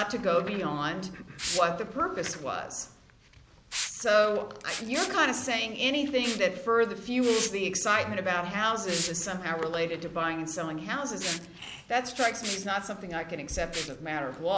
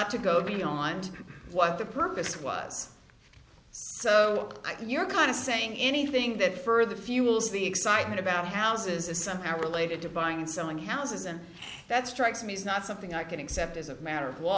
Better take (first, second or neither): second